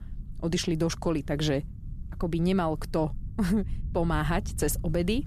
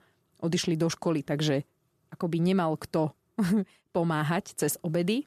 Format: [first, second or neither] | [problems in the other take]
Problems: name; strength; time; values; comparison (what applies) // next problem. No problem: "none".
second | low rumble; faint; throughout; 20 dB below the speech